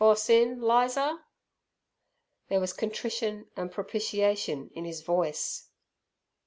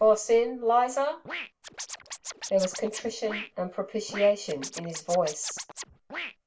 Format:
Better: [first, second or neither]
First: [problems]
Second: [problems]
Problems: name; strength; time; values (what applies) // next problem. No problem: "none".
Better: first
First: none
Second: background sound (Scratching (performance technique)); 12 dB below the speech // room echo; dies away in 0.2 s